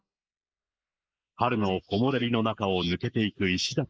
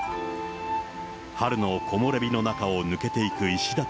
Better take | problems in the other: second | noise reduction (neural mask model Resemble Enhance denoiser)

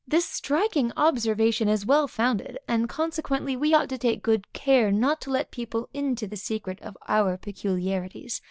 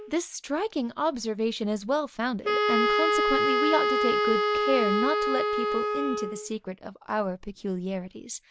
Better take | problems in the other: first | background sound (Wind instrument, woodwind instrument); 2 dB above the speech

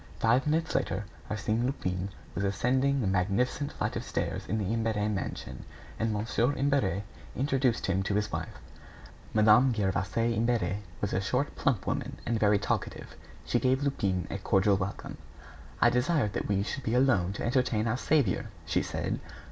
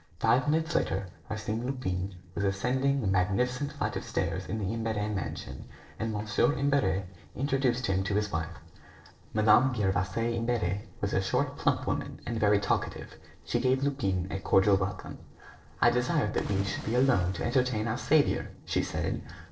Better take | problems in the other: first | noise reduction (neural separator model SepFormer DNS4)

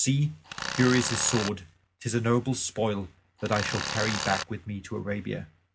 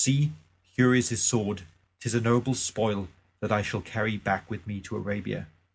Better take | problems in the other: second | background sound (Tools); 4 dB below the speech

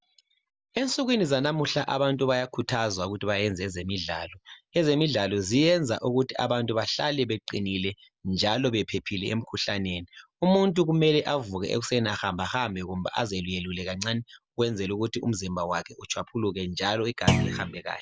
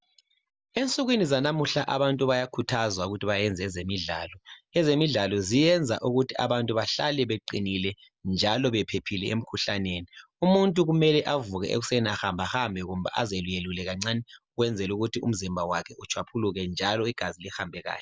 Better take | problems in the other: second | background sound (Thump, thud); 2 dB above the speech

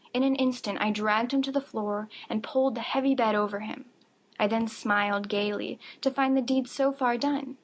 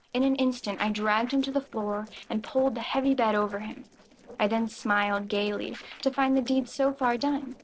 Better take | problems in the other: first | noise reduction (neural separator model SepFormer DNS4)

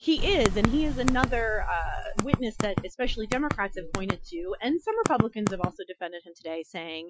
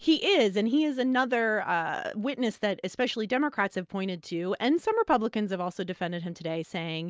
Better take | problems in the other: second | noise reduction (classical method Wiener filter)

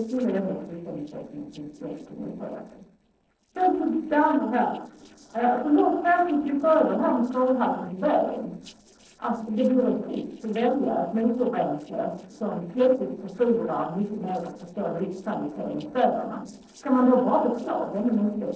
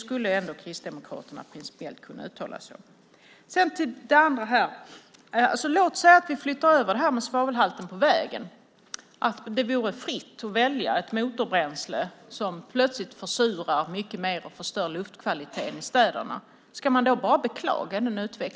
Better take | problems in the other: second | noise reduction (neural separator model SepFormer DNS4)

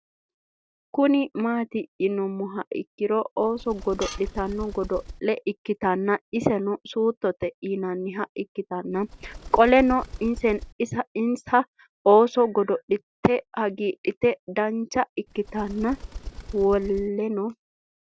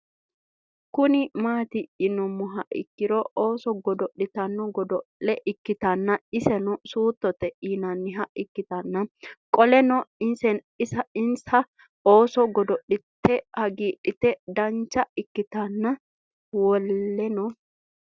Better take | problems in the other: second | background sound (Bird + Tools); 13 dB below the speech

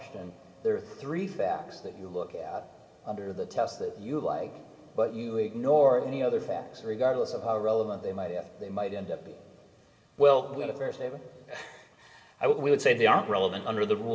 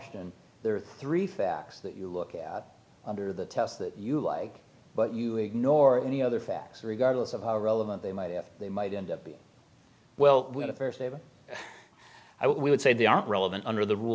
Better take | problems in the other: second | room echo; dies away in 1.8 s

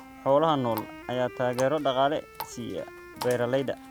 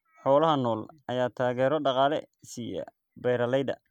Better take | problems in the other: second | background sound (Water tap, faucet + Wind instrument, woodwind instrument); 15 dB below the speech

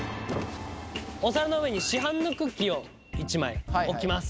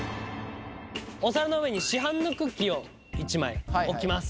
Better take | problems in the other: second | background sound (Car); 9 dB below the speech

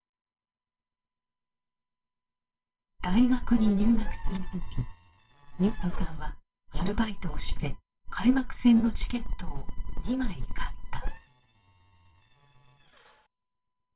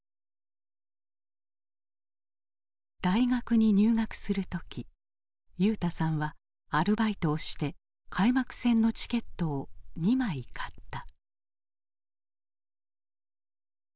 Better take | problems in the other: second | noise reduction (neural separator model SepFormer WHAMR!)

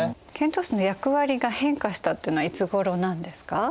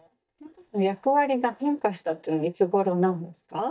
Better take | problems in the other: first | noise reduction (neural mask model DeepFilterNet 3)

